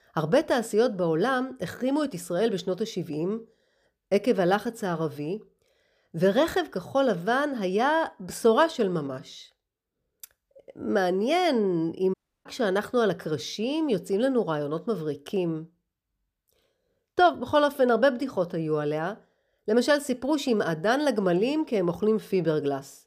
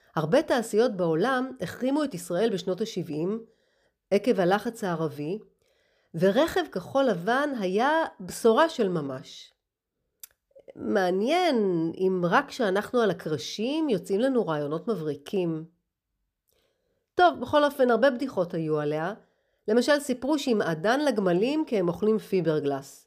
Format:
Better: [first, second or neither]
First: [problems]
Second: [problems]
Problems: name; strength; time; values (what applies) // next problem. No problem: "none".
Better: second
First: audio cutting out; at 12 s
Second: none